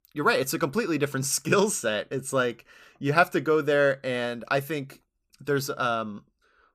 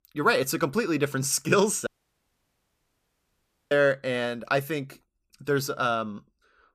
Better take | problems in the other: first | audio cutting out; at 2 s for 2 s

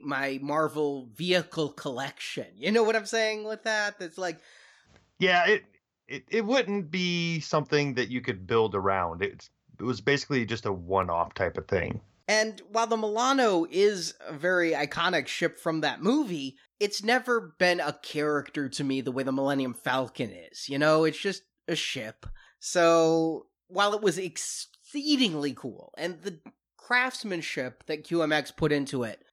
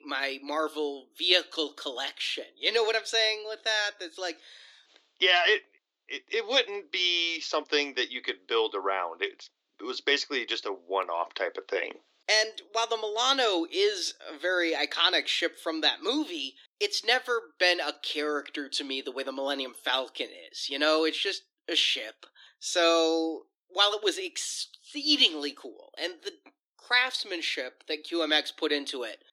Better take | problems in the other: first | thin; somewhat; fading below 300 Hz

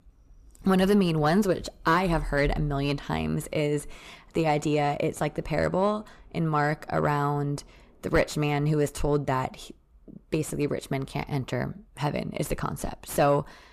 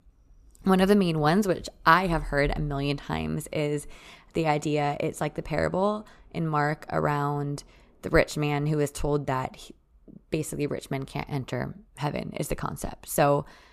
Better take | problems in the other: second | distortion; slight; 10 dB below the speech

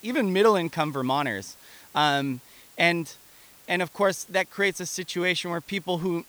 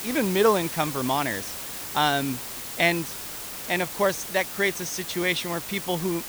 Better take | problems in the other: first | hiss; loud; throughout; 7 dB below the speech; faint in the first

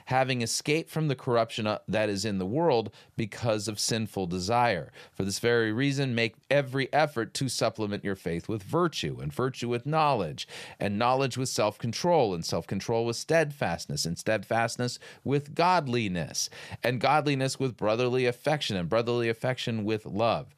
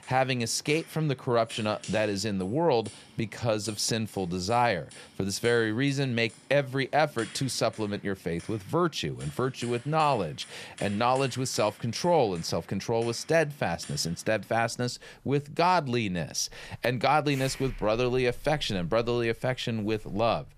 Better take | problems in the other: first | household noises; faint; throughout; 20 dB below the speech

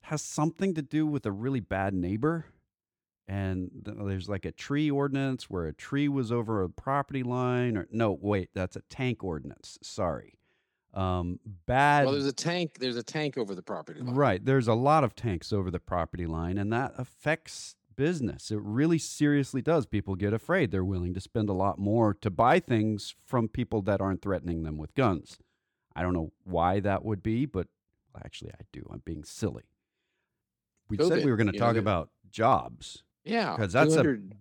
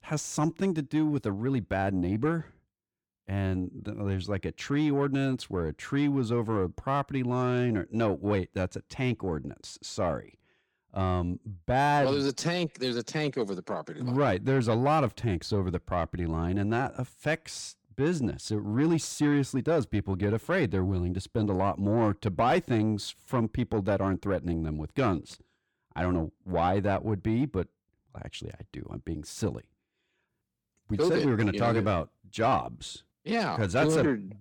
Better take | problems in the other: first | distortion; slight; 10 dB below the speech

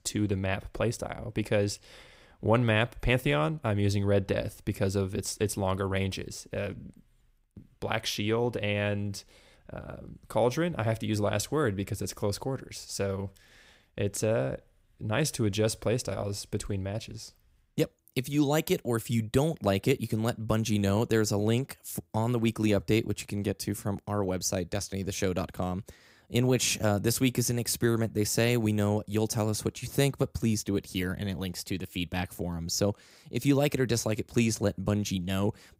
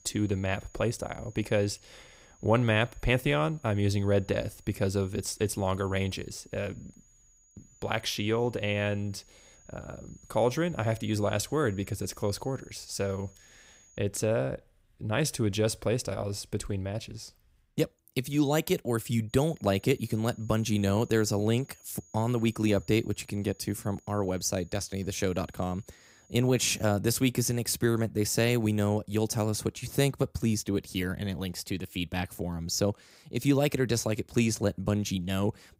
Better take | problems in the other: first | high-pitched whine; faint; until 14 s and from 19 to 27 s; 6.5 kHz, 30 dB below the speech

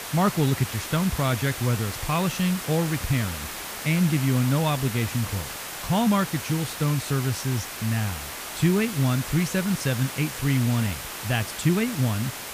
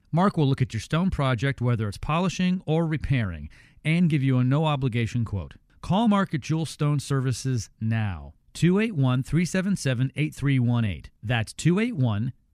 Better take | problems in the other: second | hiss; loud; throughout; 7 dB below the speech

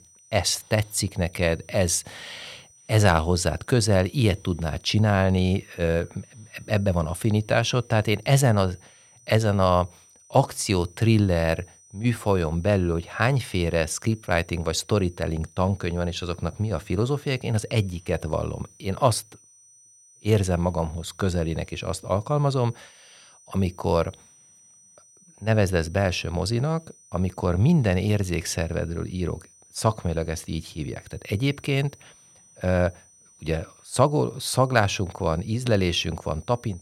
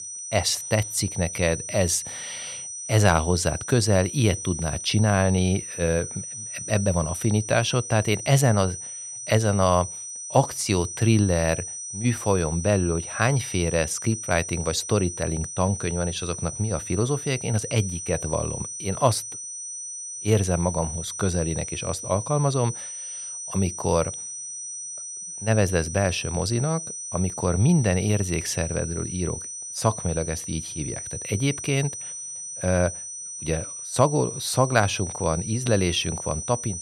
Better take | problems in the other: first | high-pitched whine; loud; throughout; 6 kHz, 8 dB below the speech; faint in the first

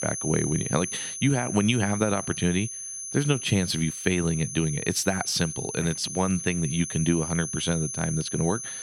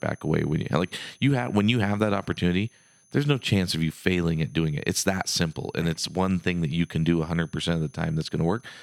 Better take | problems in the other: second | high-pitched whine; loud; throughout; 6.5 kHz, 6 dB below the speech; faint in the second

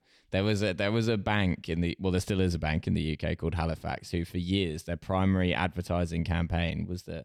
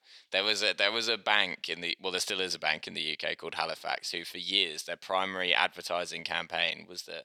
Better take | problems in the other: first | thin; very; fading below 700 Hz

